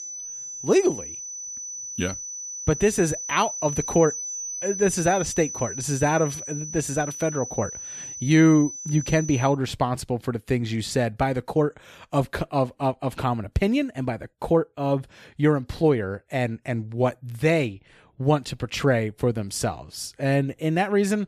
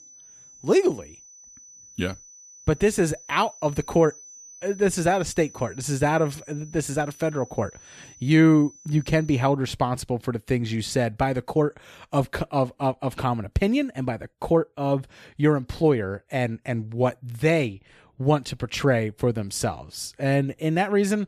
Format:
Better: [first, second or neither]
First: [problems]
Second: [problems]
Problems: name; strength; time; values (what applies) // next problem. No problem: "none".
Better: second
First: high-pitched whine; loud; until 9.5 s; 6 kHz, 7 dB below the speech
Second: high-pitched whine; faint; until 9.5 s; 6 kHz, 20 dB below the speech